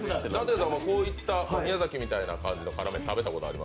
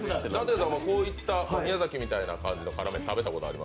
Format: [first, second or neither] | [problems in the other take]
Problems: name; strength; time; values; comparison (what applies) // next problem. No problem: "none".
second | background sound (Bass drum / Drum kit); 20 dB below the speech